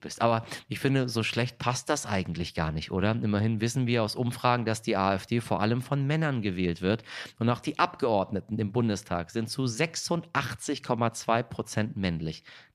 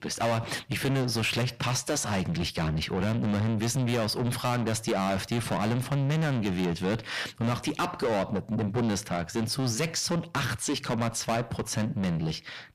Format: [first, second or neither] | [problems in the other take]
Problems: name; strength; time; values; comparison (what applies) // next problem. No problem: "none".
first | distortion; heavy; 5 dB below the speech